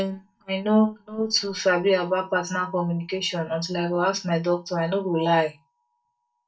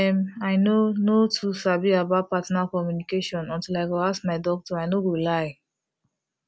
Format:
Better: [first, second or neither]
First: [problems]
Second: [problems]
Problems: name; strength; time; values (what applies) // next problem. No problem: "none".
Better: second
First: noise reduction (neural mask model DeepFilterNet 3)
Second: none